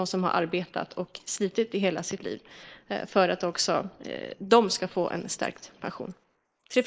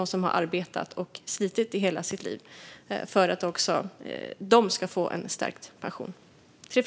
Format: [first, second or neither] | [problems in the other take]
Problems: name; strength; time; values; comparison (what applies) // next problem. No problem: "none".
second | noise reduction (neural mask model Resemble Enhance denoiser)